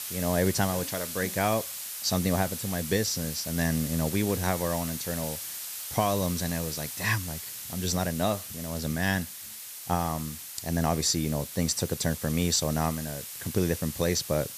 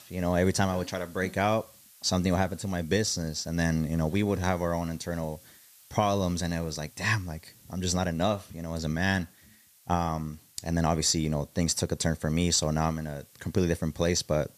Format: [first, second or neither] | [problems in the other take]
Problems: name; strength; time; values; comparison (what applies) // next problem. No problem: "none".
second | hiss; loud; throughout; 6 dB below the speech; faint in the second